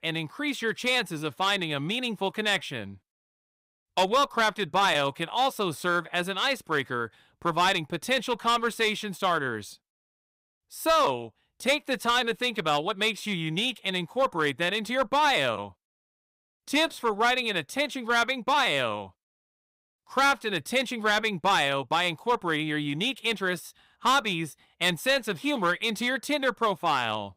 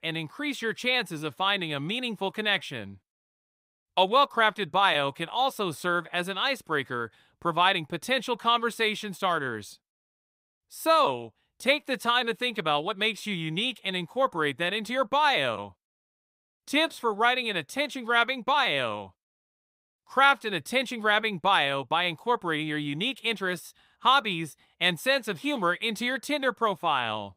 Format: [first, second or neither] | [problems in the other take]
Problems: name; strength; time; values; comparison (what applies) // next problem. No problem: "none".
second | distortion; slight; 4% of the sound clipped